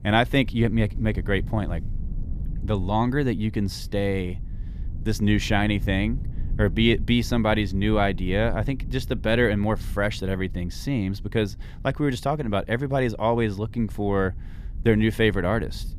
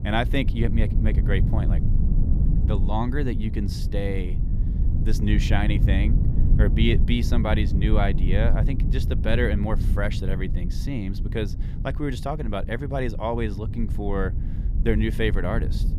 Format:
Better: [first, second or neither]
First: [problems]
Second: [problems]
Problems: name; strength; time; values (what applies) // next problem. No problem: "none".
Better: first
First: low rumble; faint; throughout; 25 dB below the speech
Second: low rumble; loud; throughout; 9 dB below the speech